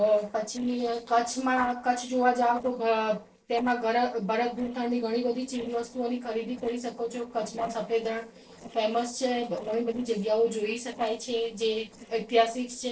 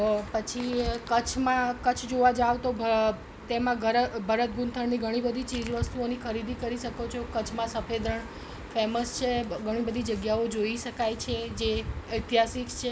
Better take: second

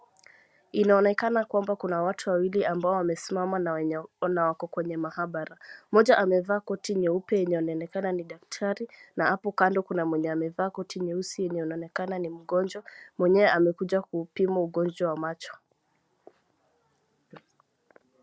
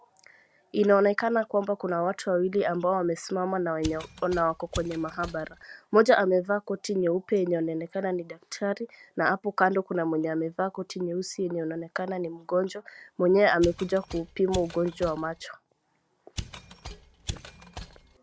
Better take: first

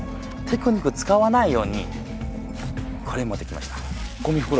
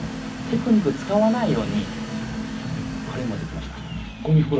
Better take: first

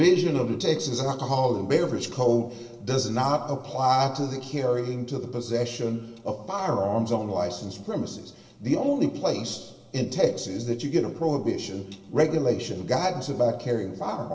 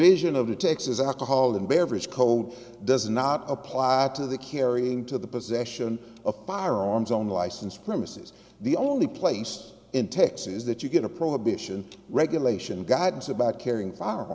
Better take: second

